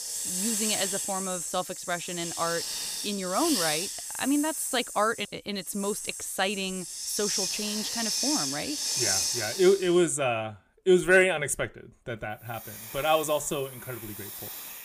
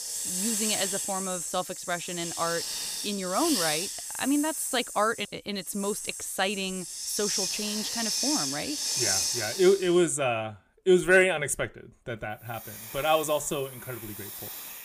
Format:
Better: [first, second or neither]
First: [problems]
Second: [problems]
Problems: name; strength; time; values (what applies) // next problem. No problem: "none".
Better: neither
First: hiss; loud; throughout; 2 dB below the speech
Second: hiss; loud; throughout; 2 dB below the speech